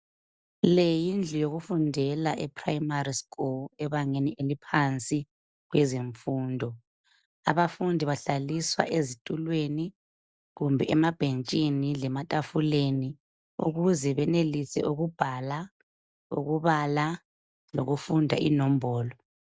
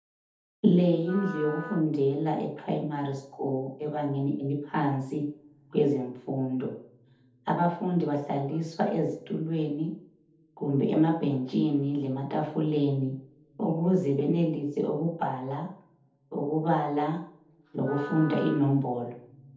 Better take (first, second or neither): first